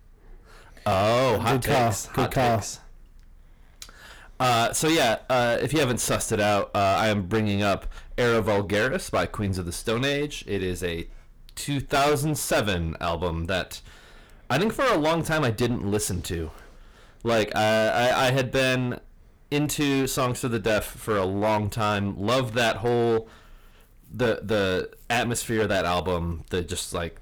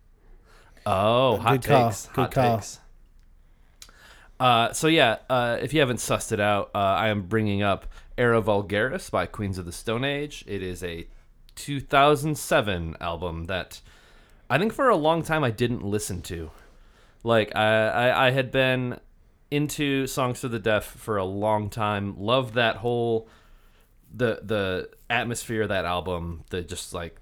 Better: second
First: distortion; heavy; 14% of the sound clipped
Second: none

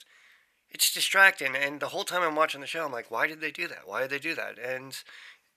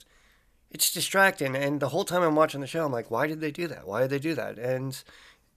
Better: second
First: thin; somewhat; fading below 750 Hz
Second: none

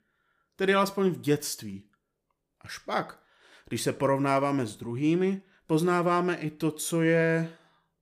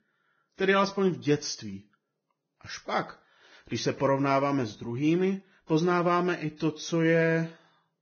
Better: first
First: none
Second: garbled, watery; badly; nothing above 6.5 kHz

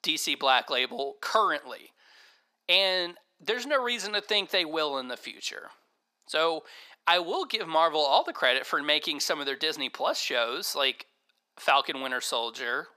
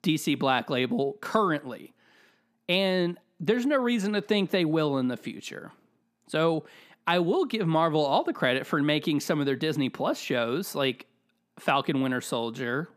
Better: second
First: thin; very; fading below 700 Hz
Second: none

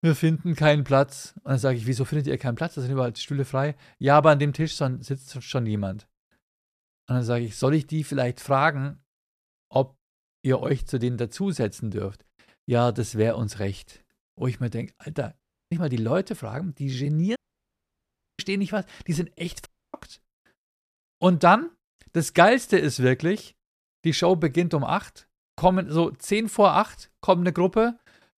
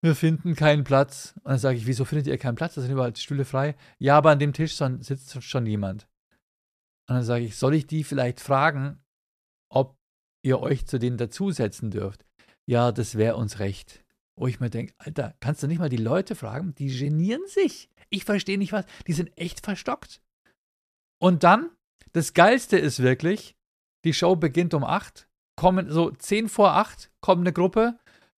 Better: second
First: audio cutting out; at 15 s, at 17 s for 1 s and at 20 s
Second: none

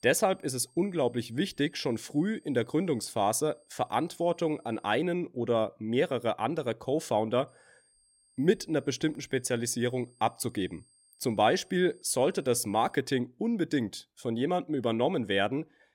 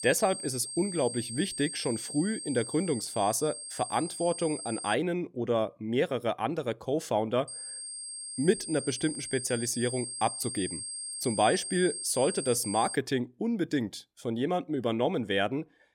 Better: first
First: high-pitched whine; faint; until 5 s and from 7.5 to 13 s; 8.5 kHz, 35 dB below the speech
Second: high-pitched whine; loud; until 5 s and from 7.5 to 13 s; 8.5 kHz, 6 dB below the speech

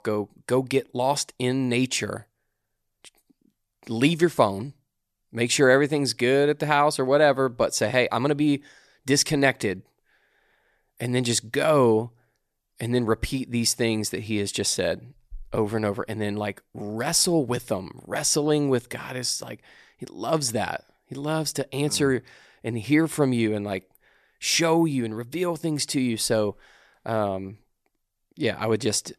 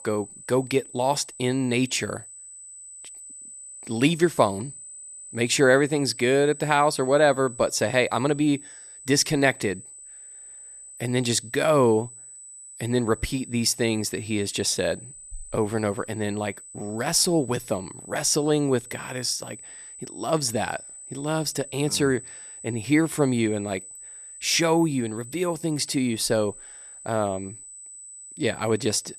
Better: first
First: none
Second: high-pitched whine; noticeable; throughout; 8 kHz, 15 dB below the speech

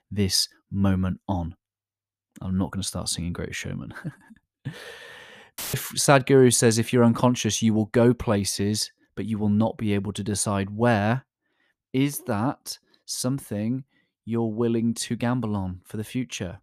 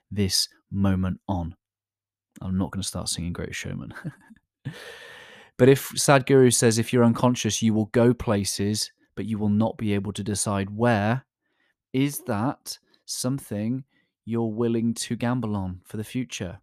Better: second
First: audio cutting out; filled with static; at 5.5 s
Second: none

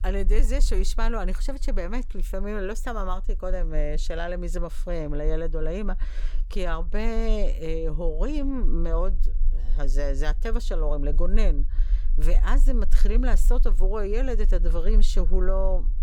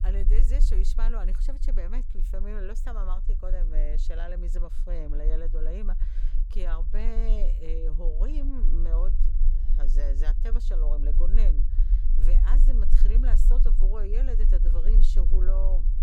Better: first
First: low rumble; faint; throughout; 25 dB below the speech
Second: low rumble; loud; throughout; 10 dB below the speech

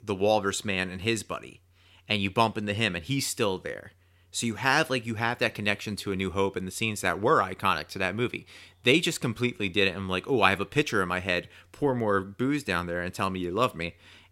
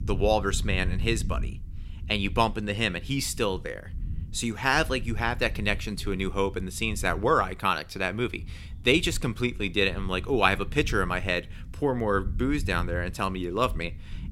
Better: first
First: none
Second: low rumble; faint; throughout; 25 dB below the speech

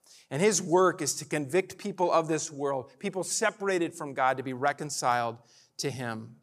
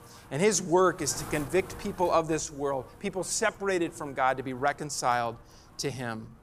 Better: first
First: none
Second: wind noise on the microphone; occasional gusts; 20 dB below the speech

